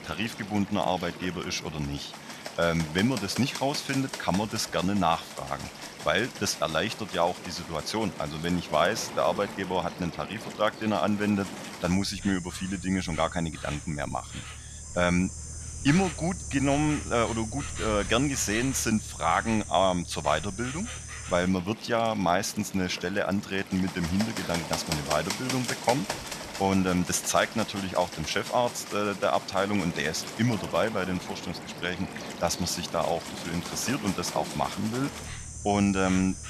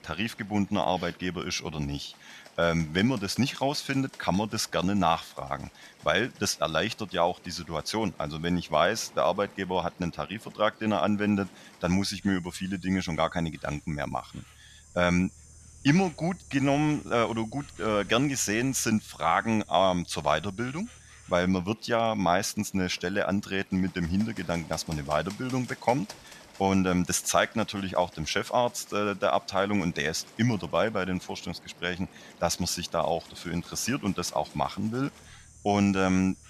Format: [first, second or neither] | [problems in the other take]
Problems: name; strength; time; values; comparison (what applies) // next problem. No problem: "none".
second | animal sounds; loud; throughout; 9 dB below the speech; faint in the second